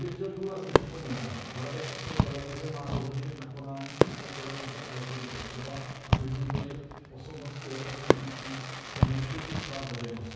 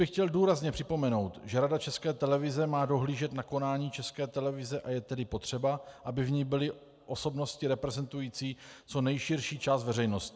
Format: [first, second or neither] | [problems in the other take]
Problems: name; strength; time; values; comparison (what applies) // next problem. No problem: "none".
second | background sound (Fireworks); 5 dB above the speech // room echo; dies away in 1.3 s